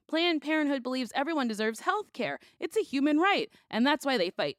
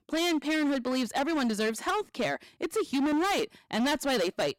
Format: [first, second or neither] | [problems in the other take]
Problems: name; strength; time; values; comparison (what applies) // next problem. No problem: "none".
first | distortion; heavy; 23% of the sound clipped